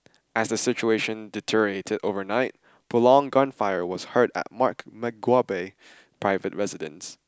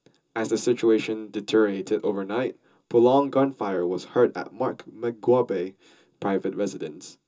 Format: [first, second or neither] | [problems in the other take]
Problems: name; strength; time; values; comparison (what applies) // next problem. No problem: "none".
first | room echo; dies away in 0.2 s